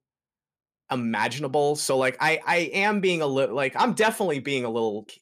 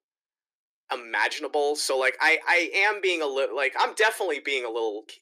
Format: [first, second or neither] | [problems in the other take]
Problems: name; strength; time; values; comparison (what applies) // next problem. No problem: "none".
first | thin; very; fading below 300 Hz